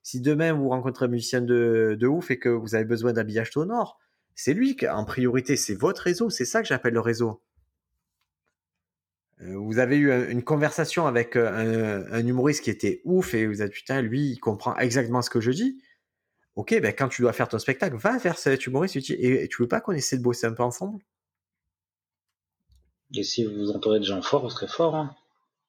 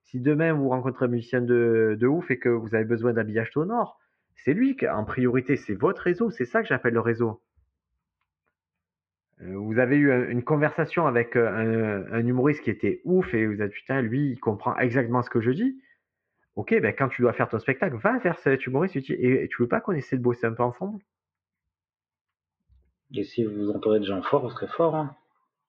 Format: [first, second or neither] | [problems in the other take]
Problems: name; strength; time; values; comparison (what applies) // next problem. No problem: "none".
first | muffled; very; fading above 2.5 kHz